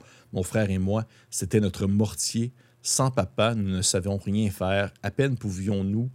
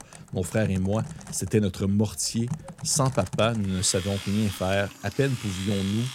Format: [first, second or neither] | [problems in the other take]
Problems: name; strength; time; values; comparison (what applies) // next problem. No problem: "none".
first | household noises; noticeable; throughout; 10 dB below the speech